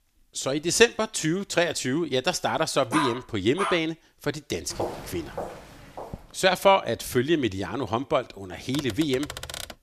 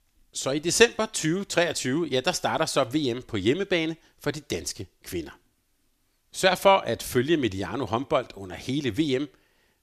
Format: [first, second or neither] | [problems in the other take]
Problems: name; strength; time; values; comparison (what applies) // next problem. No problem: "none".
second | dog barking; noticeable; at 3 s; peak 3 dB below the speech // footsteps; noticeable; from 4.5 to 6.5 s; peak 8 dB below the speech // keyboard typing; noticeable; at 8.5 s; peak 9 dB below the speech